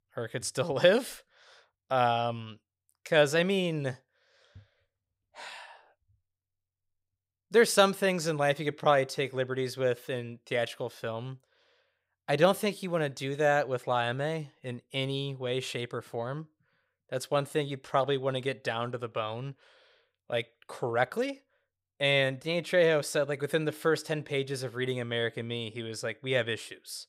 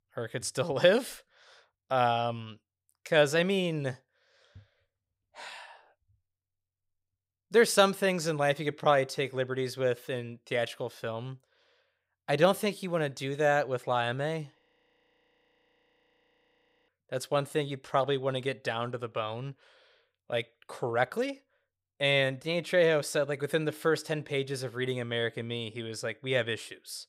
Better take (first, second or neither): first